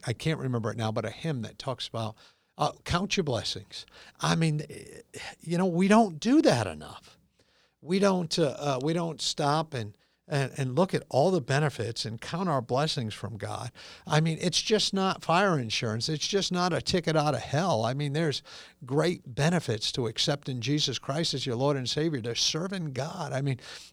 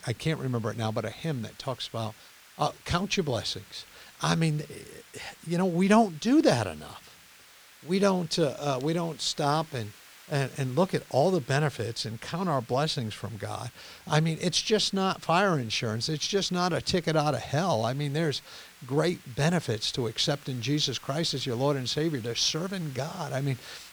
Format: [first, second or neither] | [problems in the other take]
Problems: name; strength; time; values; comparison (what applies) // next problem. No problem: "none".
first | hiss; faint; throughout; 20 dB below the speech